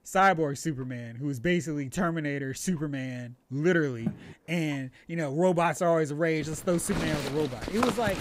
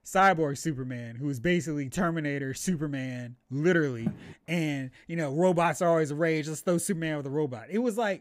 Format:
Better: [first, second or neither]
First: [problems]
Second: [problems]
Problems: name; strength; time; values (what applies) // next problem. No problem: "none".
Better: second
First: household noises; loud; throughout; 6 dB below the speech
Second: none